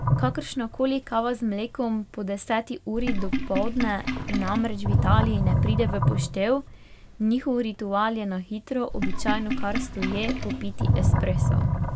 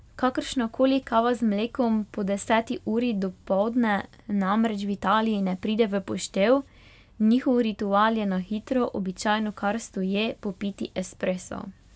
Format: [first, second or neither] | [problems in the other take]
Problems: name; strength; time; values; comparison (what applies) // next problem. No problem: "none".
second | background sound (Sink (filling or washing)); 2 dB above the speech